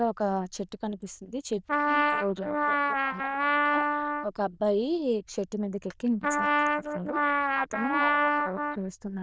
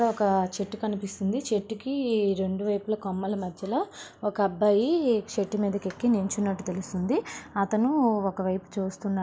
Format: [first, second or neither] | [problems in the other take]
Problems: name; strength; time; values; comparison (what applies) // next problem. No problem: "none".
second | noise reduction (neural diffusion model UNIVERSE++)